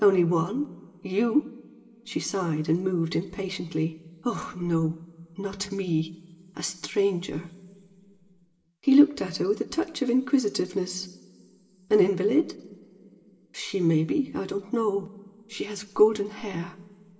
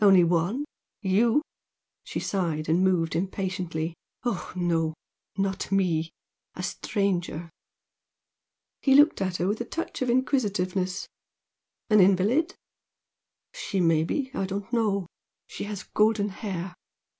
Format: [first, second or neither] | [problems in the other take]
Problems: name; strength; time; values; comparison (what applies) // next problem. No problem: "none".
second | room echo; dies away in 2.3 s